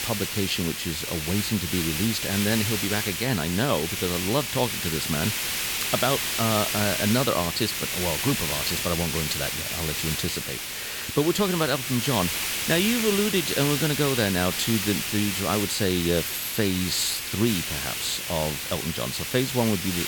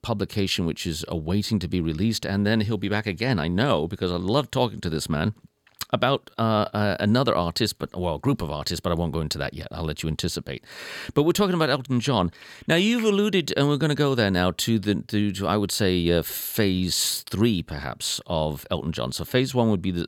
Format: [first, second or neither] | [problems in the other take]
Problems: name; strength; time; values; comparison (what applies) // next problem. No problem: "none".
second | hiss; loud; throughout; 1 dB below the speech